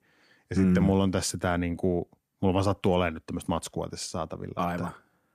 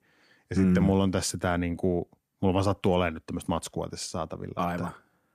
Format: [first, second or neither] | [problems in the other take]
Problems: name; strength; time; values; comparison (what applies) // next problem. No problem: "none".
neither | none